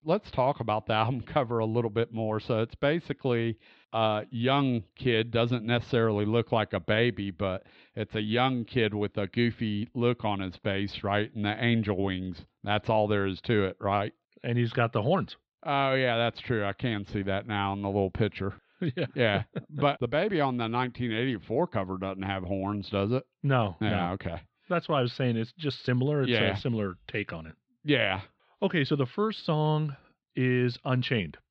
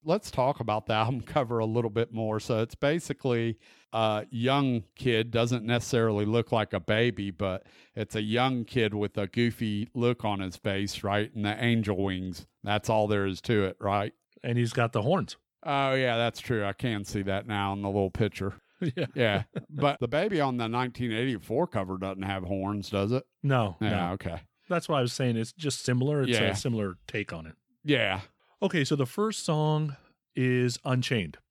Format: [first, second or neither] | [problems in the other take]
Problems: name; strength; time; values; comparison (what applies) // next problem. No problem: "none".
second | muffled; slightly; fading above 4 kHz